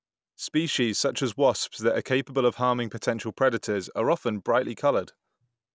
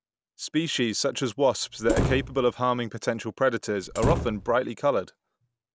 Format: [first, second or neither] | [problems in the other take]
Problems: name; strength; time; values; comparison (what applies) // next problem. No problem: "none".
first | background sound (Slam + Whoosh, swoosh, swish); 3 dB below the speech